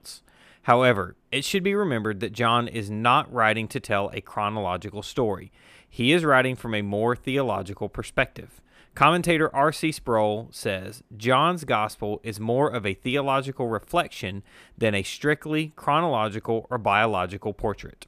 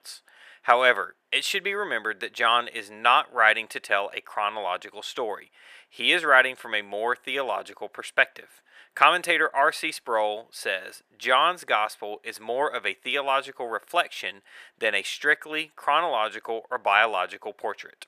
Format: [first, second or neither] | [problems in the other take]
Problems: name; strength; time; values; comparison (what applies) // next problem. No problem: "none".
first | thin; very; fading below 650 Hz